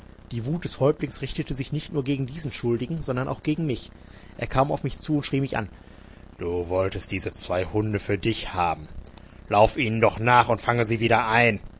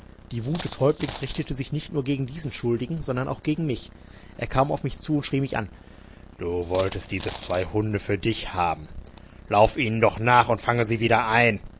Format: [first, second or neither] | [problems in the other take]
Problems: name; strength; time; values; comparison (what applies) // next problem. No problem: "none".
first | background sound (Coin (dropping)); 15 dB below the speech